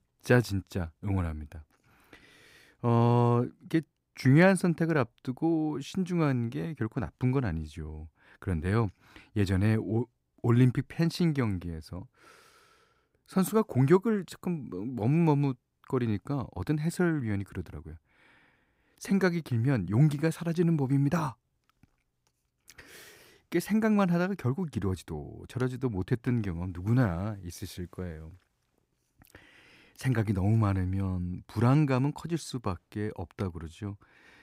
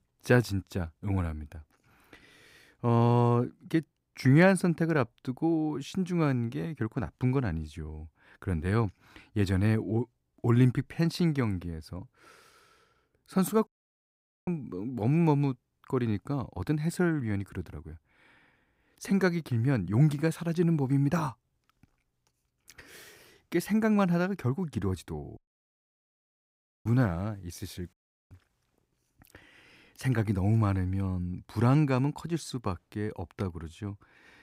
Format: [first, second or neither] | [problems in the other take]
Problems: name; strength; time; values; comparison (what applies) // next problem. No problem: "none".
first | audio cutting out; at 14 s for 1 s, at 25 s for 1.5 s and at 28 s